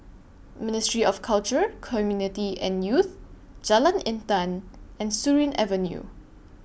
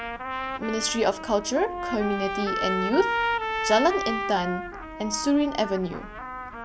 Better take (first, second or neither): first